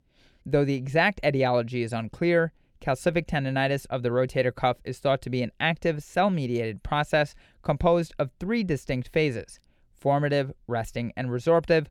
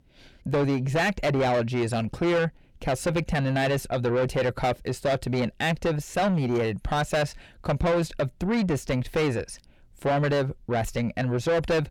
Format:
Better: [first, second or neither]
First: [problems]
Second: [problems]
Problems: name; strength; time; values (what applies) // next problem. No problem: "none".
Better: first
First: none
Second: distortion; heavy; 6 dB below the speech